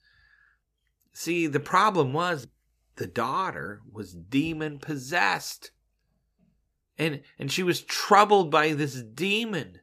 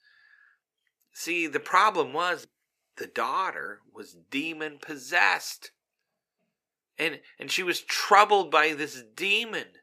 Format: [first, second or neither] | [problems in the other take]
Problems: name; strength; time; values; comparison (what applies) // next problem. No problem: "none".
first | thin; somewhat; fading below 400 Hz